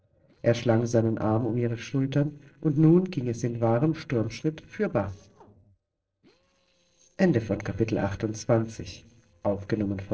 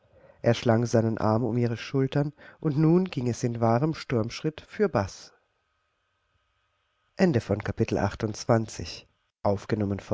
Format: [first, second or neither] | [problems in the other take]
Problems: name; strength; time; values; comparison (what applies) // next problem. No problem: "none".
second | noise reduction (neural separator model SepFormer DNS4)